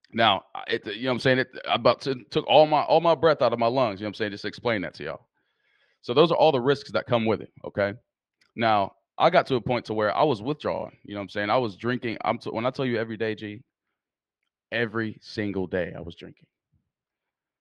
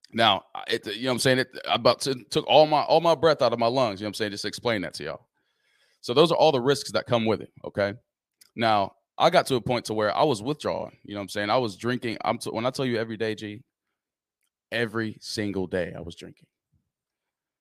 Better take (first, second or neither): second